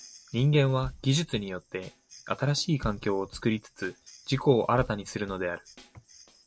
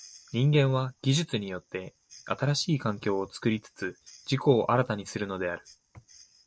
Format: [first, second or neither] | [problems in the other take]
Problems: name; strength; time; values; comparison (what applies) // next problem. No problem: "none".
second | background sound (Drum kit); 19 dB below the speech